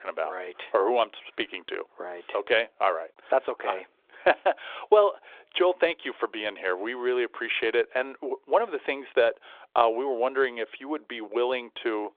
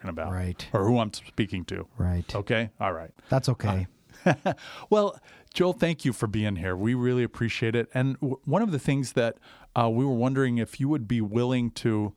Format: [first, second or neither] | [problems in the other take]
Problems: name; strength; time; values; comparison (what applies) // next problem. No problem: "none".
second | phone-call audio; nothing above 3.5 kHz